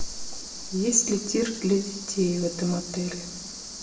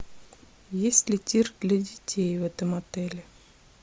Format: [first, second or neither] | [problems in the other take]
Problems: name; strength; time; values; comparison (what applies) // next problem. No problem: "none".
second | background sound (Cricket); 11 dB below the speech // room echo; dies away in 0.7 s